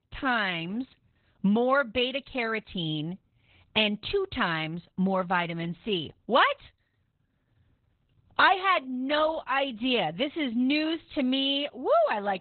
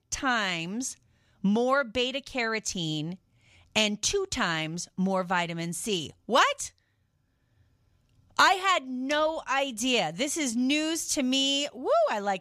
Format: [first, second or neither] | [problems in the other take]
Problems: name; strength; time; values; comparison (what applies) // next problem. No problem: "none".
second | garbled, watery; badly; nothing above 4 kHz